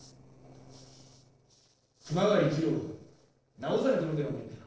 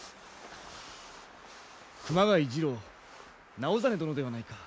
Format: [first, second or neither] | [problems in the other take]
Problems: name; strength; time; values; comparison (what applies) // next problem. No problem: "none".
second | noise reduction (neural separator model SepFormer DNS4)